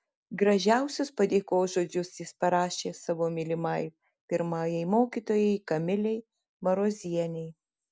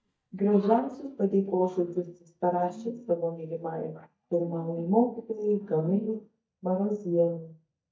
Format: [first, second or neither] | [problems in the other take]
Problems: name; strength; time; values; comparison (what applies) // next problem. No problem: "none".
first | noise reduction (neural mask model DeepFilterNet 3)